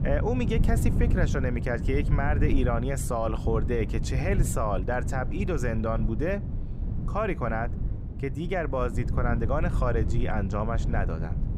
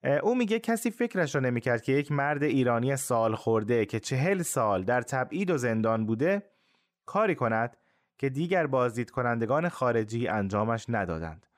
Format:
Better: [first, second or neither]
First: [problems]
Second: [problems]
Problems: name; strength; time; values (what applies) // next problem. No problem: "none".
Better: second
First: low rumble; noticeable; throughout; 10 dB below the speech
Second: none